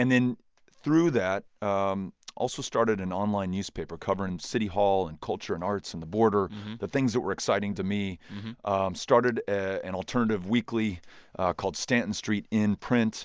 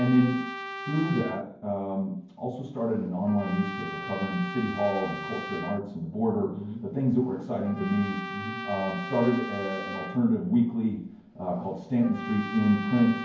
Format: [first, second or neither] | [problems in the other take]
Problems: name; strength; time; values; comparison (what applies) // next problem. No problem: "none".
first | background sound (Trumpet); 11 dB below the speech // room echo; dies away in 0.9 s